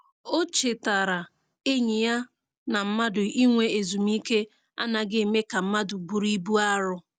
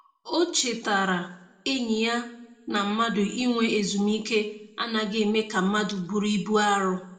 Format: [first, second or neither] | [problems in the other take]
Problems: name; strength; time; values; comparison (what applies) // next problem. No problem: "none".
first | room echo; dies away in 0.5 s